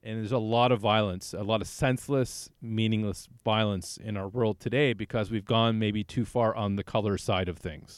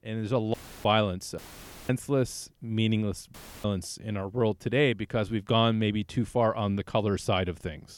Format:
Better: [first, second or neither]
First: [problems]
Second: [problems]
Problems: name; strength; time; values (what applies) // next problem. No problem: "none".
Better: first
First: none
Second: audio cutting out; filled with static; at 0.5 s, at 1.5 s for 0.5 s and at 3.5 s